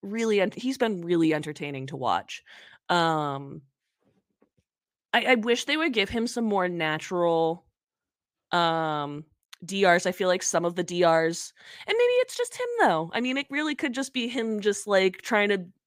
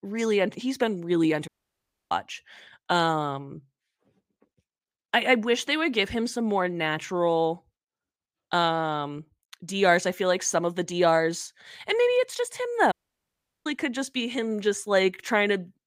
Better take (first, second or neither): first